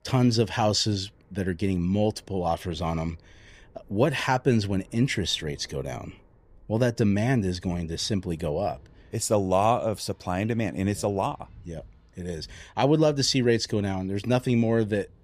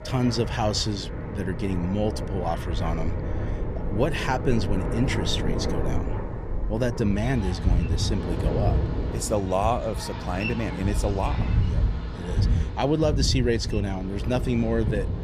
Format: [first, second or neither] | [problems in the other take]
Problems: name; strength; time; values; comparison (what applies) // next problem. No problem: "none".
first | train or aircraft noise; loud; throughout; 2 dB below the speech; faint in the first